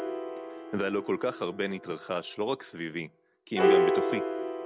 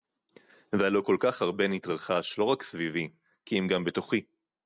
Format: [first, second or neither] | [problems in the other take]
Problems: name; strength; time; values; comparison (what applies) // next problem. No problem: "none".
second | background sound (Piano); 3 dB above the speech